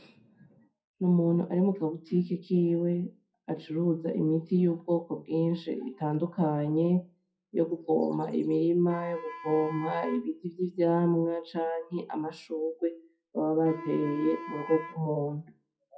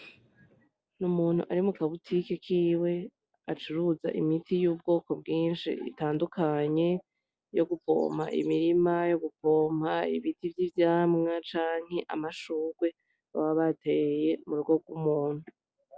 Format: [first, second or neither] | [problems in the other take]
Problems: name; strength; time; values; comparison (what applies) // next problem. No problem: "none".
second | noise reduction (classical method WPE with log-MMSE)